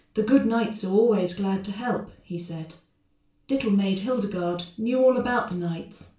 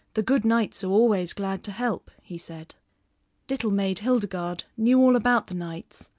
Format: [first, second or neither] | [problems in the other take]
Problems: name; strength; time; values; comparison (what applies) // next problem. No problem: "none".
second | room echo; dies away in 0.3 s